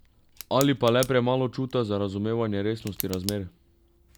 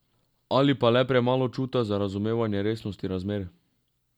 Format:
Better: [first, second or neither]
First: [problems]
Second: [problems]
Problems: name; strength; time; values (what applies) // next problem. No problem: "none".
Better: second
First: background sound (Tick); 16 dB below the speech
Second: none